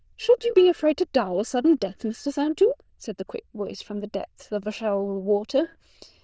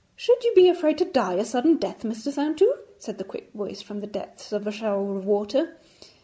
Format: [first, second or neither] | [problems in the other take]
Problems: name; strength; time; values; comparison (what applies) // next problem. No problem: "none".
second | noise reduction (neural diffusion model UNIVERSE++)